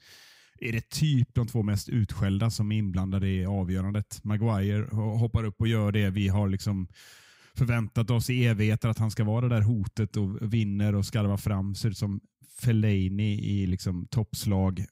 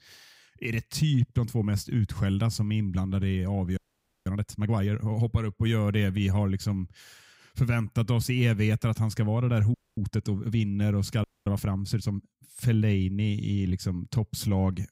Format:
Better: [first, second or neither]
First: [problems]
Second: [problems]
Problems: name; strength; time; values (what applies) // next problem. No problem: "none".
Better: first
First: none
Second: audio freezing; at 4 s, at 9.5 s and at 11 s